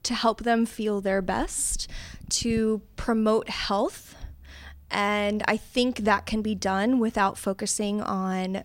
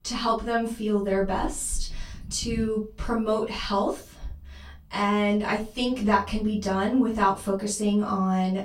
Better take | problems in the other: first | off-mic speech; far // room echo; slight; dies away in 0.3 s

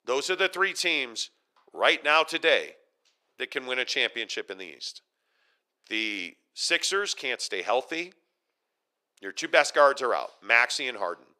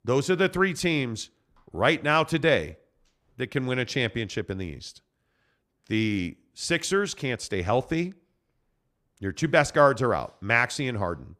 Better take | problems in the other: second | thin; very; fading below 450 Hz

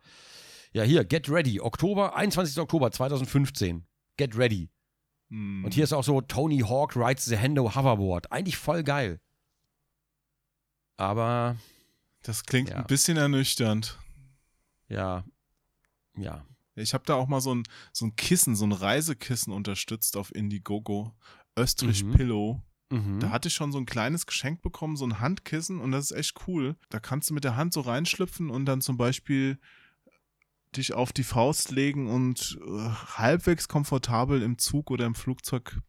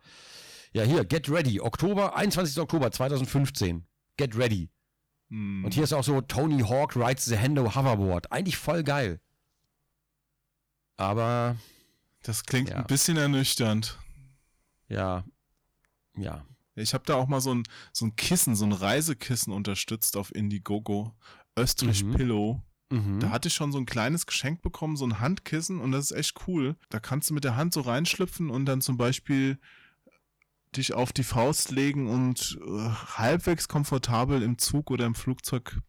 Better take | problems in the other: first | distortion; slight; 4% of the sound clipped

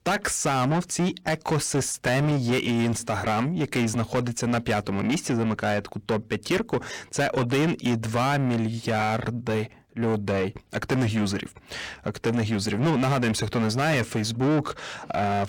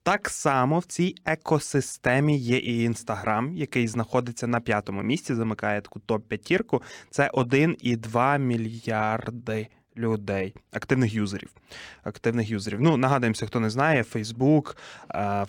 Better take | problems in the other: second | distortion; heavy; 6 dB below the speech

